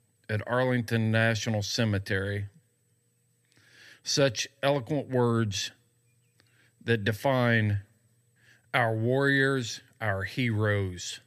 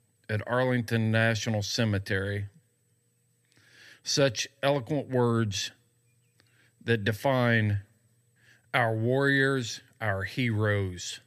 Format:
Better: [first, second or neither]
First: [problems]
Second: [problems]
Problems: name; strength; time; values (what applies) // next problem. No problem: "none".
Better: neither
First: none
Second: none